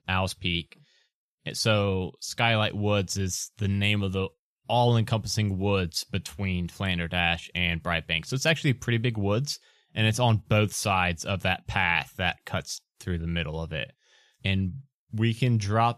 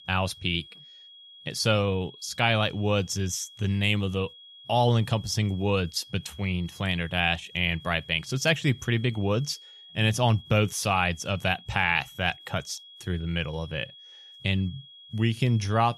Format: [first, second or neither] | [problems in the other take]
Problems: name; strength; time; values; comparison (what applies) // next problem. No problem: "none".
first | high-pitched whine; noticeable; throughout; 3.5 kHz, 20 dB below the speech